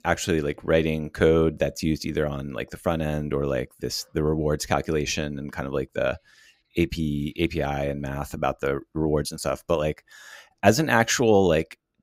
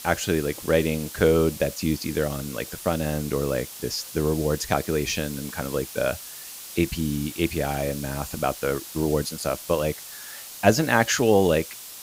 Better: first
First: none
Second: hiss; noticeable; throughout; 10 dB below the speech

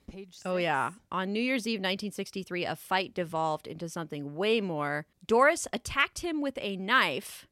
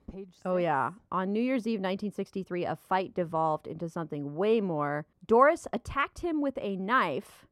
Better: first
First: none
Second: muffled; slightly; fading above 1.5 kHz

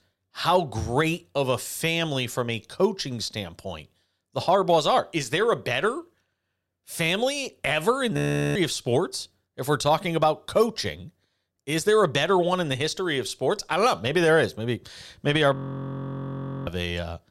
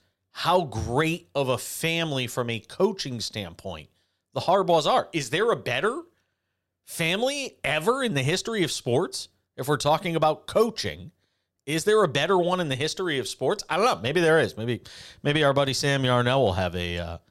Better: second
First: audio freezing; at 8 s and at 16 s for 1 s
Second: none

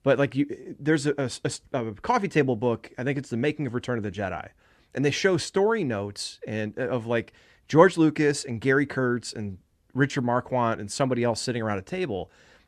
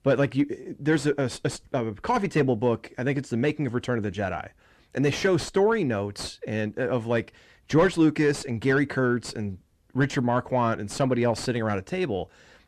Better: first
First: none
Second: distortion; slight; 10 dB below the speech

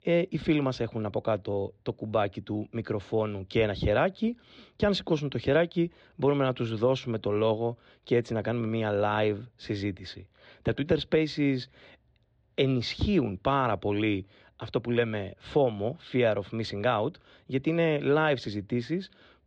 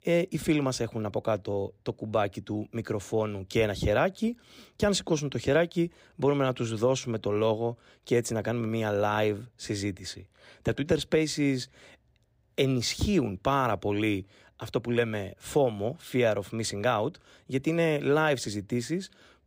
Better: second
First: muffled; very slightly; fading above 4 kHz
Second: none

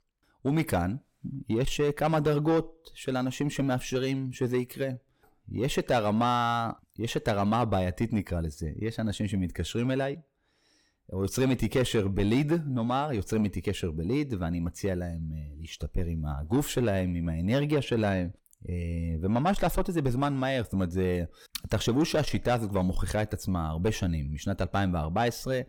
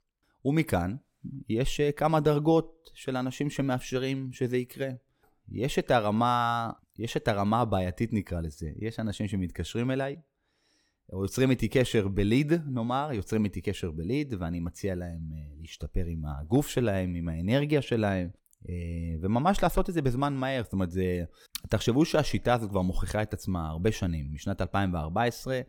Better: second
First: distortion; slight; 10 dB below the speech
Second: none

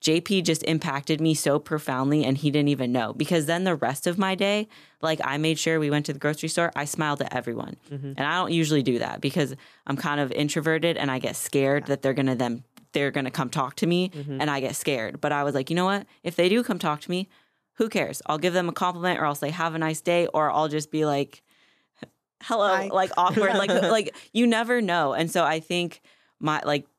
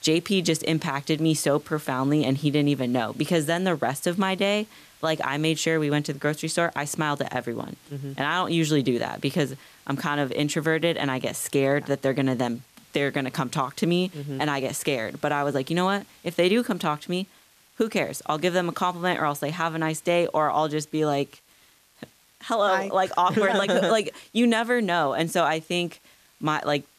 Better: first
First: none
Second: hiss; faint; throughout; 30 dB below the speech

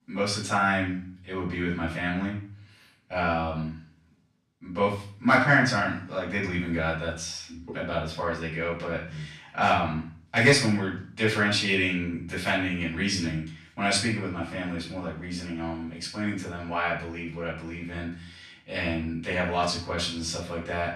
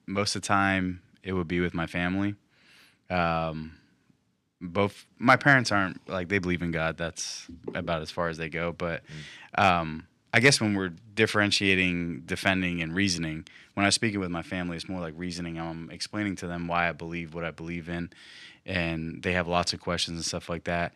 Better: second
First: off-mic speech; far // room echo; noticeable; dies away in 0.4 s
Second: none

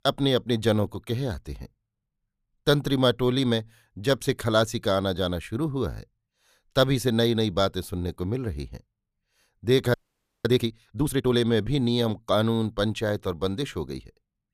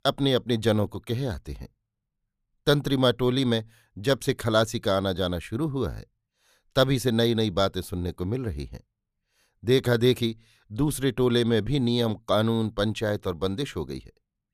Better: second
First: audio freezing; at 10 s for 0.5 s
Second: none

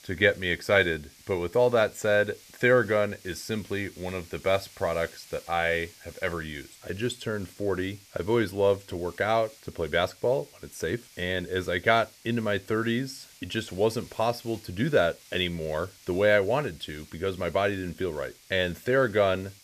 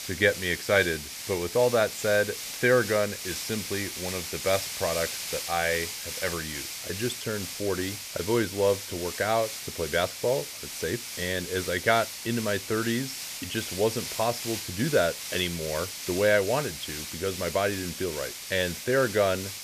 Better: first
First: hiss; faint; throughout; 25 dB below the speech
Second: hiss; loud; throughout; 6 dB below the speech

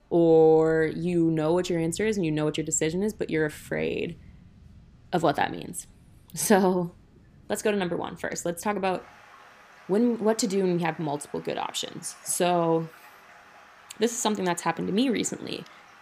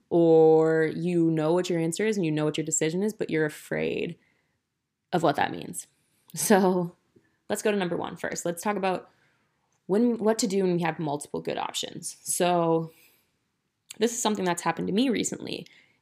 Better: second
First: rain or running water; faint; throughout; 25 dB below the speech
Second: none

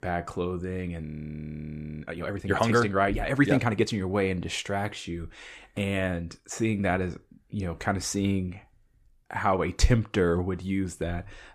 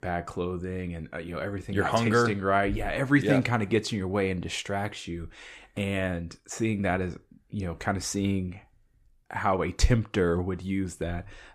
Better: second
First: audio freezing; at 1 s for 1 s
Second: none

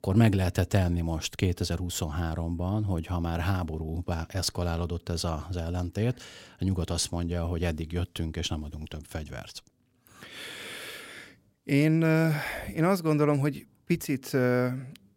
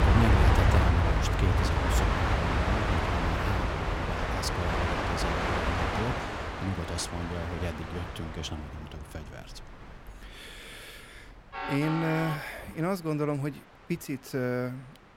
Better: first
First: none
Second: train or aircraft noise; very loud; throughout; 5 dB above the speech

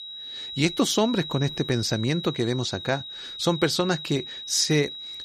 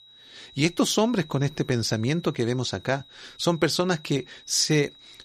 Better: second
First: high-pitched whine; loud; throughout; 4 kHz, 9 dB below the speech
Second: high-pitched whine; faint; throughout; 4 kHz, 25 dB below the speech

